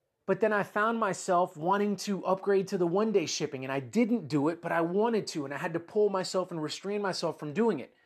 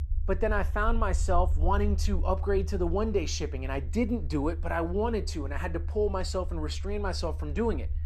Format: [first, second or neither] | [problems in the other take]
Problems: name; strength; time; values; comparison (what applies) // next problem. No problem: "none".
first | low rumble; faint; throughout; 20 dB below the speech